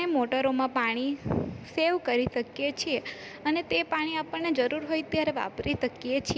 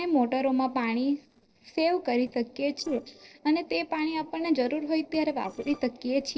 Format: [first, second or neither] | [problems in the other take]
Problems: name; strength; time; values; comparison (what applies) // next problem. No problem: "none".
first | noise reduction (neural separator model SepFormer DNS4)